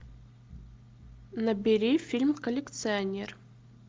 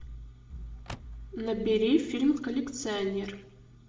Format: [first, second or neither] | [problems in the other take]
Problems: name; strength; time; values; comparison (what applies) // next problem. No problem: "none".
first | background sound (Car); 19 dB below the speech // room echo; dies away in 0.7 s